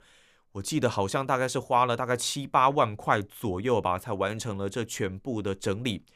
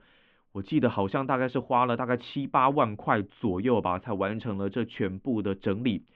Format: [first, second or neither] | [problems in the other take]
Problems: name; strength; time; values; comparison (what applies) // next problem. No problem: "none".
first | muffled; very; fading above 3 kHz